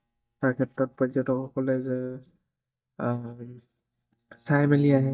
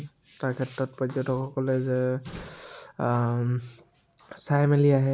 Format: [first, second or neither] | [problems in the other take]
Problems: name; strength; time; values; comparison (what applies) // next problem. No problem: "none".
second | noise reduction (neural mask model DeepFilterNet 3)